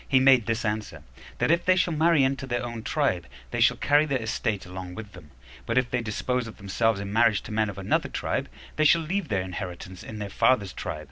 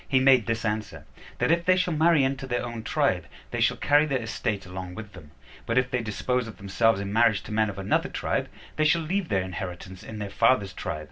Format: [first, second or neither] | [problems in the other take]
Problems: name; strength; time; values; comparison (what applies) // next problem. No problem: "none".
first | room echo; dies away in 0.2 s